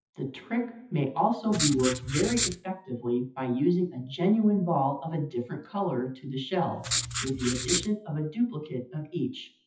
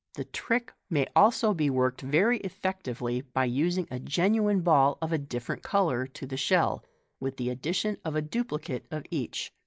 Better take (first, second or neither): second